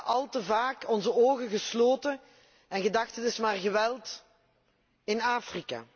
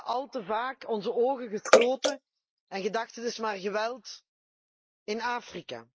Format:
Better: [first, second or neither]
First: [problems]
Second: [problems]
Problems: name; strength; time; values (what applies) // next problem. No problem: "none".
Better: first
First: none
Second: noise reduction (neural mask model Resemble Enhance denoiser)